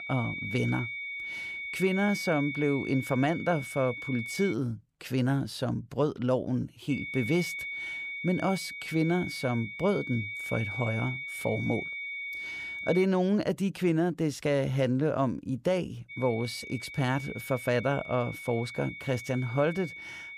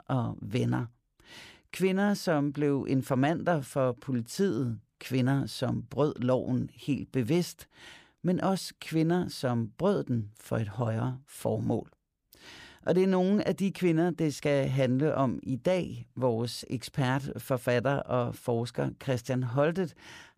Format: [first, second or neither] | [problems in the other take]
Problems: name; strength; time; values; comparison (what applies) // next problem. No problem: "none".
second | high-pitched whine; loud; until 4.5 s, from 7 to 13 s and from 16 s on; 2 kHz, 7 dB below the speech